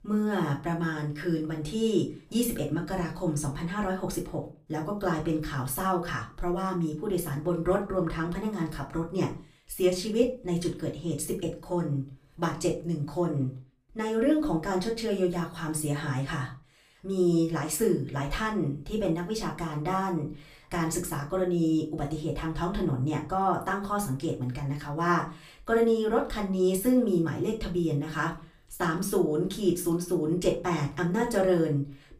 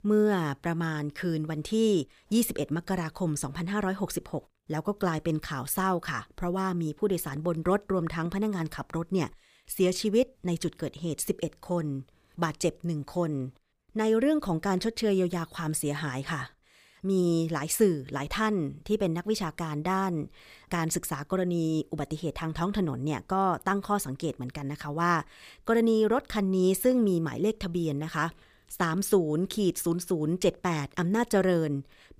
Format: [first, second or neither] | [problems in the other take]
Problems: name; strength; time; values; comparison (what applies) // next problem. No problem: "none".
second | off-mic speech; far // room echo; very slight; dies away in 0.3 s